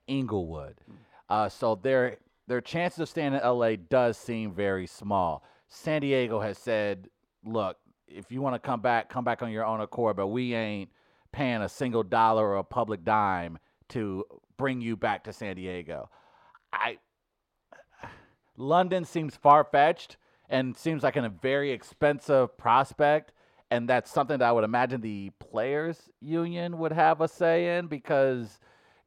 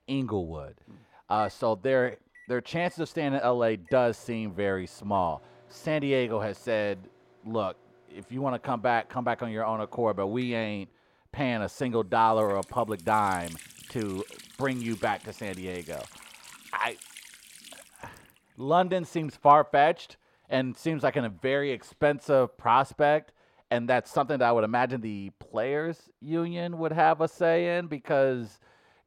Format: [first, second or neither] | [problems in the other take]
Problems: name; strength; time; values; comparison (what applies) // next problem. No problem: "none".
first | household noises; faint; until 22 s; 20 dB below the speech